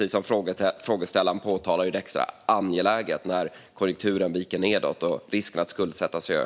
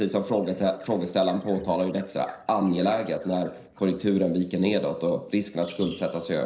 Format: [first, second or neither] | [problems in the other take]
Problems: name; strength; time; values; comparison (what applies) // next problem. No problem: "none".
first | noise reduction (neural separator model SepFormer DNS4)